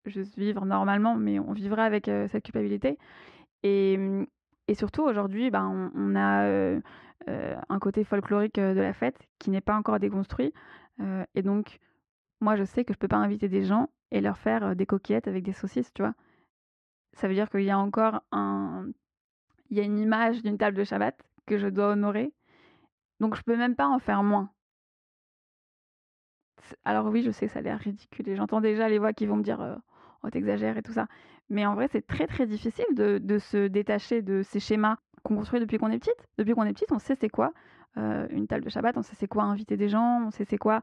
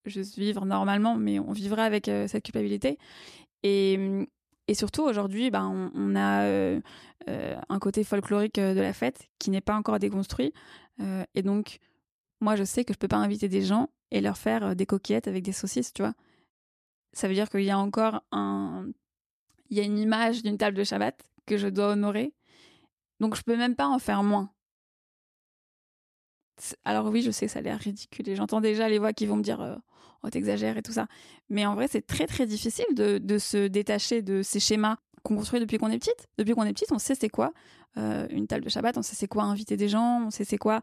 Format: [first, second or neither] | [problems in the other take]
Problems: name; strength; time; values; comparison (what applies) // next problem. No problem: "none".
second | muffled; very; fading above 2 kHz